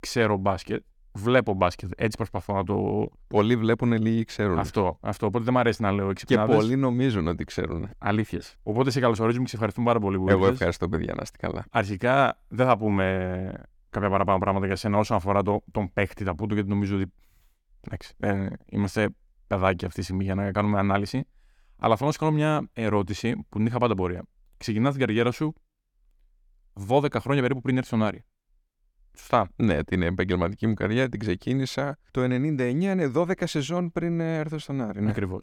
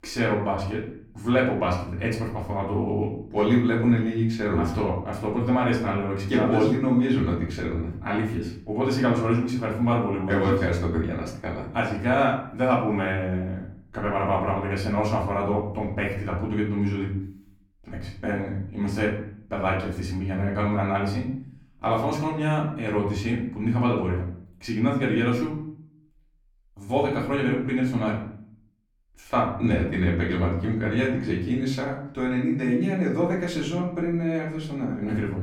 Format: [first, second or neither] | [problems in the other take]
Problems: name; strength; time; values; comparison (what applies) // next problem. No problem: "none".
first | off-mic speech; far // room echo; slight; dies away in 0.5 s